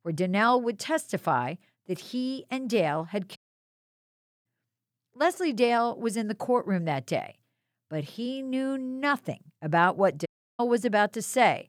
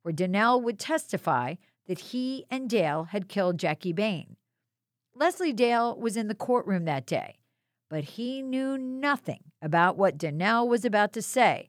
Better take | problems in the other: second | audio cutting out; at 3.5 s for 1 s and at 10 s

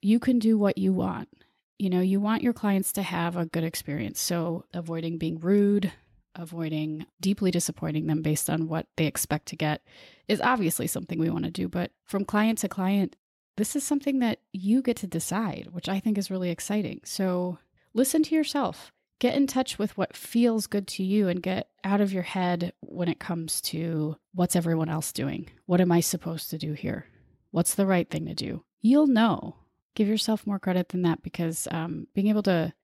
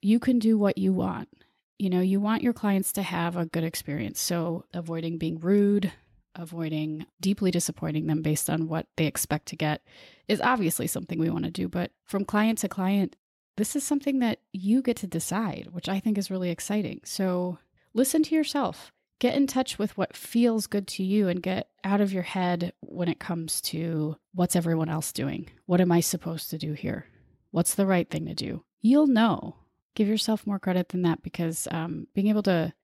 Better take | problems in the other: neither | none

